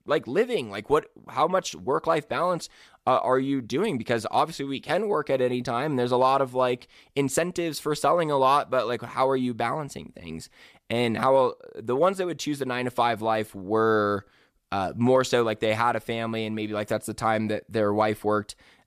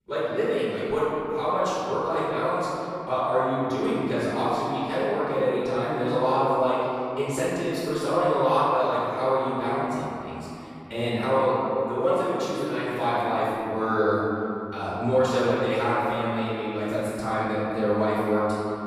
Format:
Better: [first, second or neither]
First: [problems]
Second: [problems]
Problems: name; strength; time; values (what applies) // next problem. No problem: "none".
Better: first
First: none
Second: off-mic speech; far // room echo; strong; dies away in 2.6 s